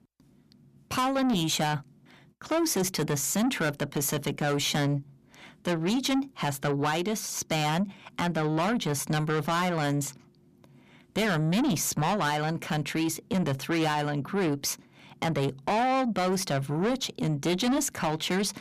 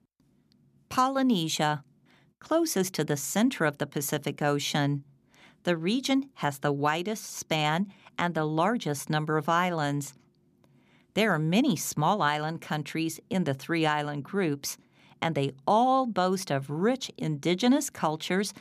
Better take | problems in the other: second | distortion; heavy; 7 dB below the speech

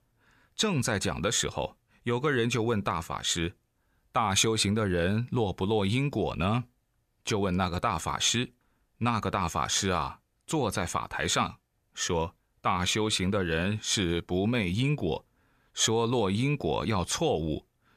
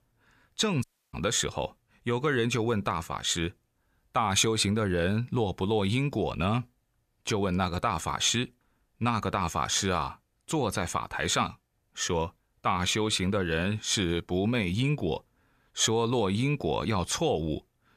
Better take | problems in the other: first | audio cutting out; at 1 s

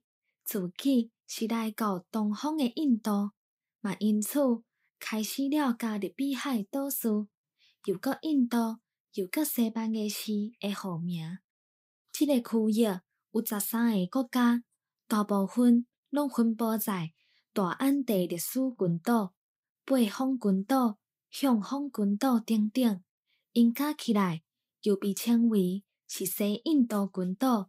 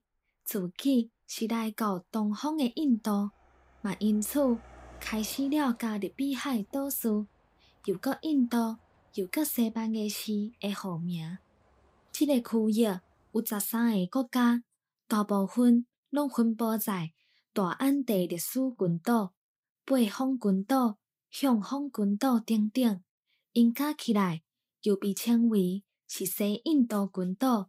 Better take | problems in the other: first | traffic noise; faint; until 13 s; 30 dB below the speech

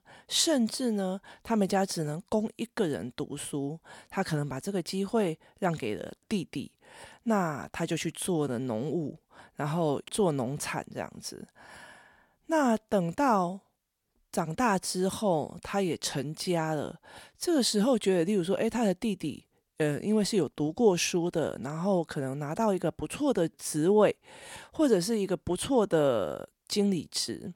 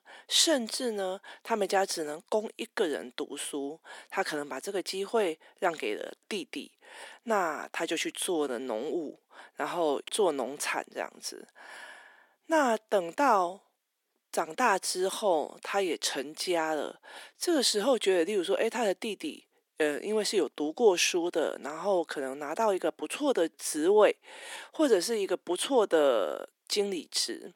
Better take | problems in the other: first | thin; somewhat; fading below 300 Hz

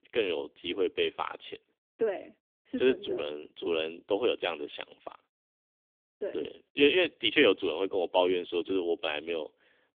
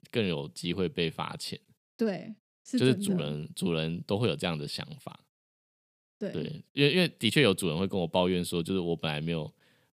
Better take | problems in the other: second | phone-call audio; nothing above 3.5 kHz

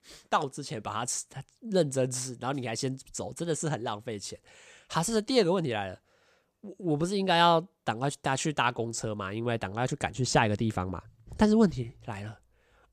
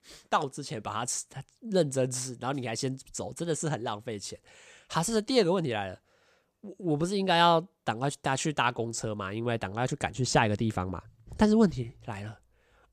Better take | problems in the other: neither | none

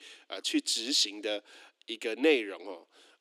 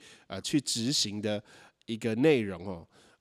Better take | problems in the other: second | thin; very slightly; fading below 300 Hz

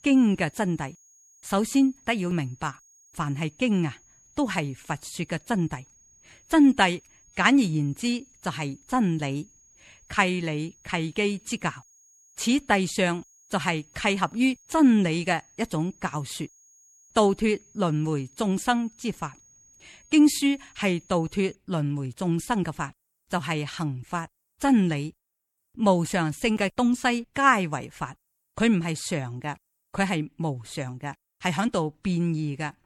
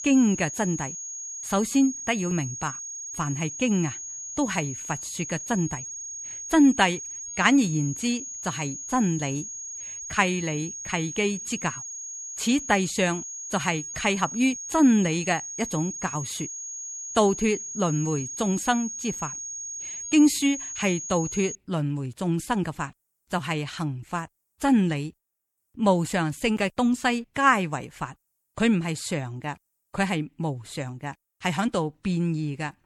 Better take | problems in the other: first | high-pitched whine; loud; until 22 s; 6.5 kHz, 8 dB below the speech; faint in the first

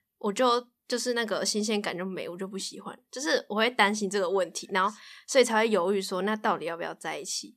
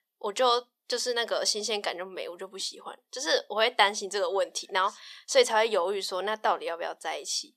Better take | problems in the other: first | thin; somewhat; fading below 500 Hz

